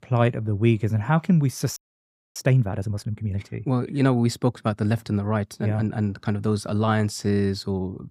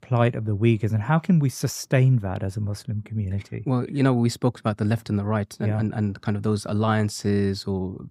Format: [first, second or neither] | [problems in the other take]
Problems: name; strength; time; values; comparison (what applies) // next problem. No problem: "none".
second | audio freezing; at 2 s for 0.5 s